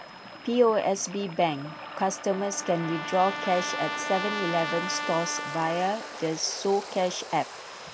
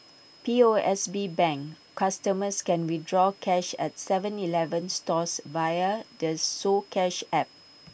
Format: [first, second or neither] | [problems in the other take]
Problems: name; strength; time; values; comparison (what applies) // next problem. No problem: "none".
second | background sound (Trumpet + Waves, surf); 8 dB below the speech